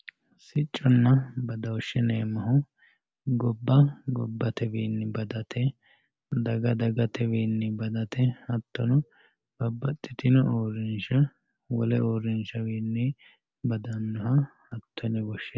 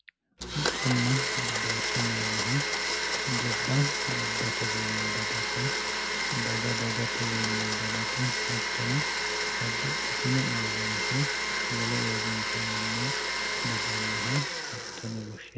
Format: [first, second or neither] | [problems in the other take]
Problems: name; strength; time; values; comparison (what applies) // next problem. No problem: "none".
first | background sound (Domestic sounds, home sounds); 4 dB above the speech